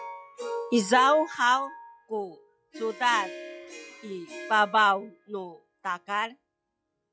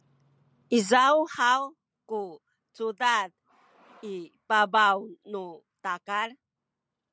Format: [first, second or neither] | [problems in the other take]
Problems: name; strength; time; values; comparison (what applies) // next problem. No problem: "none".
second | noise reduction (classical method log-MMSE)